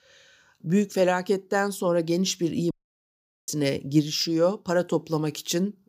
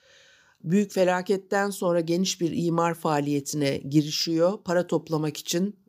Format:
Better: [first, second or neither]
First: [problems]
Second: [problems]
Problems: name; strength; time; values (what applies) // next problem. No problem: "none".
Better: second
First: audio cutting out; at 2.5 s for 1 s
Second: none